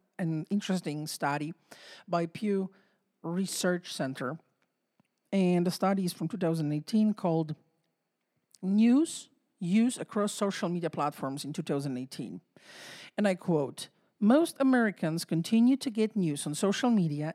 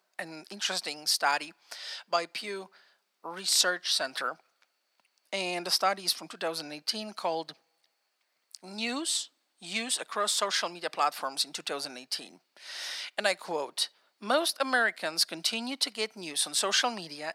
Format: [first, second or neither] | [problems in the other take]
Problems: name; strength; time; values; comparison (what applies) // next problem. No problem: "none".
first | thin; very; fading below 850 Hz